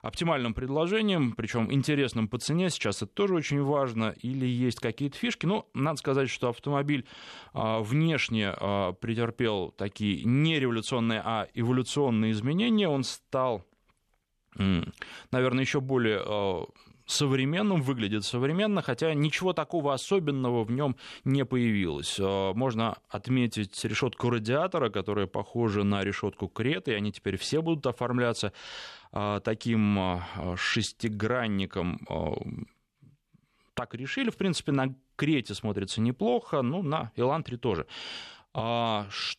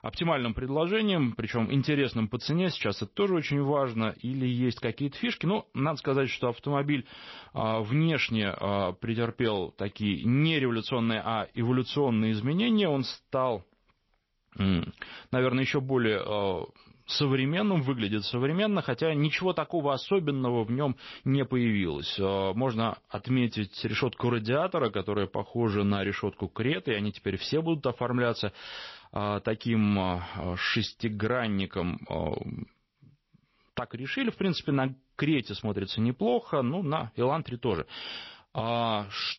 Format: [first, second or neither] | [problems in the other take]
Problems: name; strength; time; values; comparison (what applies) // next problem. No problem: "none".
first | garbled, watery; slightly; nothing above 5.5 kHz